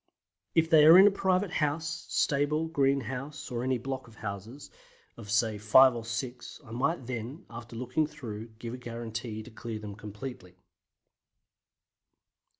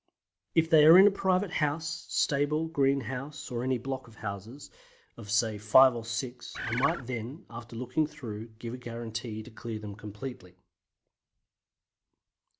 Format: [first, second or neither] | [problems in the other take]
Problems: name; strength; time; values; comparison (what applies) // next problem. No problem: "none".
first | background sound (Bird); 5 dB below the speech